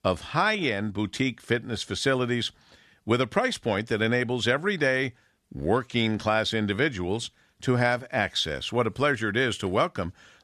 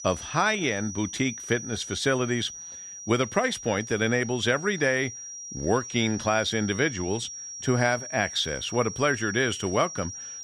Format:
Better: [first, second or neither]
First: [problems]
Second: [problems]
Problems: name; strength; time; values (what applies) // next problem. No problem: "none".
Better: first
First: none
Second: high-pitched whine; loud; throughout; 5.5 kHz, 10 dB below the speech